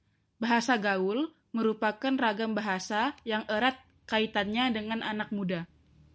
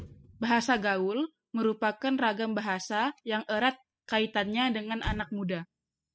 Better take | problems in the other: first | noise reduction (classical method spectral subtraction)

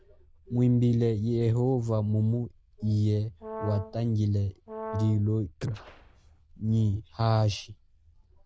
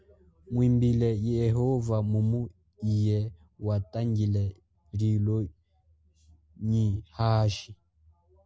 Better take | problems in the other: second | noise reduction (neural diffusion model UNIVERSE++)

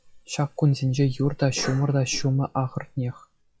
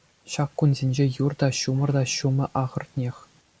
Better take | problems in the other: second | noise reduction (classical method log-MMSE)

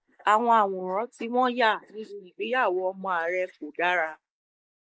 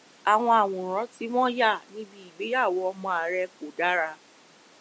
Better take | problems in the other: second | noise reduction (neural mask model Resemble Enhance denoiser)

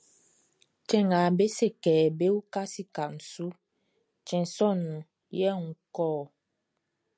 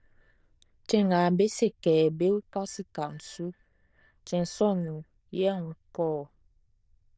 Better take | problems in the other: first | noise reduction (neural diffusion model UNIVERSE++)

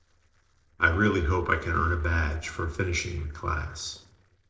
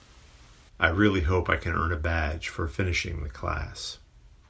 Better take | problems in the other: second | noise reduction (neural separator model SepFormer DNS4)

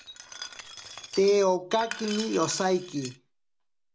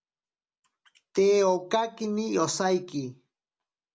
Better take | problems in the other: second | background sound (Glass); 14 dB below the speech

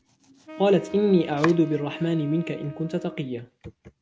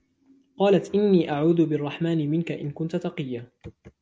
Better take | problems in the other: second | background sound (Wind instrument, woodwind instrument + Domestic sounds, home sounds); 14 dB below the speech

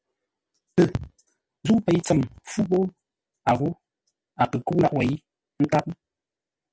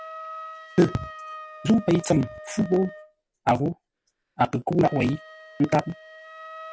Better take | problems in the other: first | background sound (Wind instrument, woodwind instrument); 17 dB below the speech

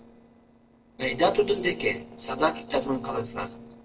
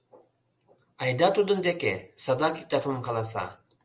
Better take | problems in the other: second | noise reduction (neural separator model SepFormer DNS4)

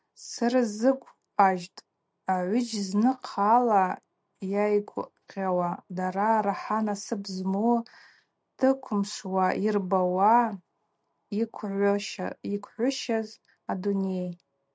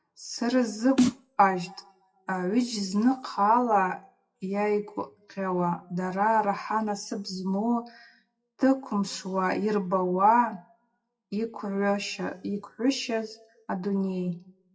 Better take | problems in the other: first | noise reduction (classical method WPE with log-MMSE)

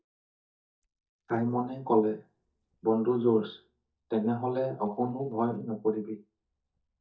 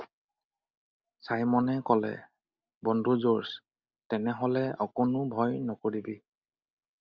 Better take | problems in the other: second | noise reduction (neural mask model DeepFilterNet 3)

